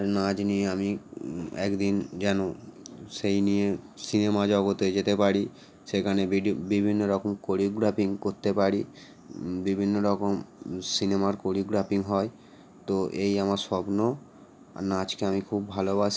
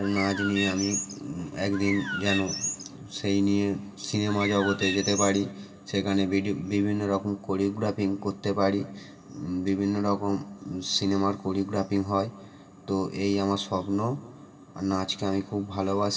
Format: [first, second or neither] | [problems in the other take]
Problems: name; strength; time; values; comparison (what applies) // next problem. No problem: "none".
first | background sound (Bird); 6 dB below the speech // room echo; dies away in 2.2 s